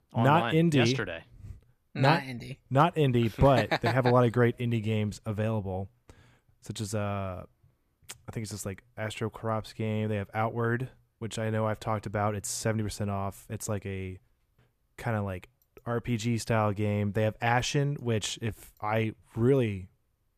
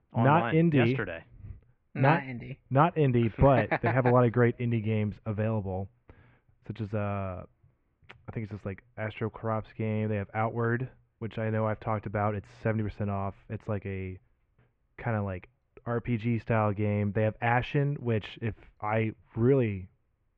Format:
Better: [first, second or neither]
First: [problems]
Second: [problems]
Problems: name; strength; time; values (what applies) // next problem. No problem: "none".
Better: first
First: none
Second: muffled; very; fading above 2.5 kHz